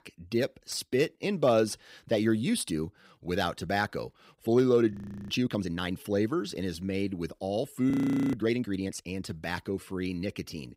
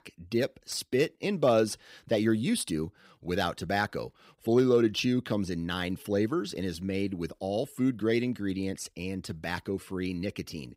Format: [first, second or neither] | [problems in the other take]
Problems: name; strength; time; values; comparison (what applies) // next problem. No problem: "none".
second | audio freezing; at 5 s and at 8 s